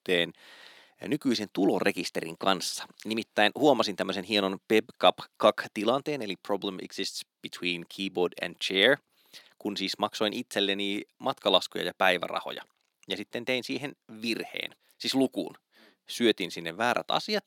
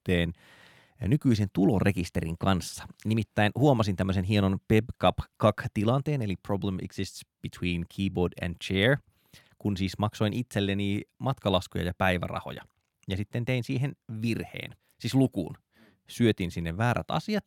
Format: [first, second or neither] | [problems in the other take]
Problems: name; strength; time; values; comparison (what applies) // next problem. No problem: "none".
second | thin; somewhat; fading below 300 Hz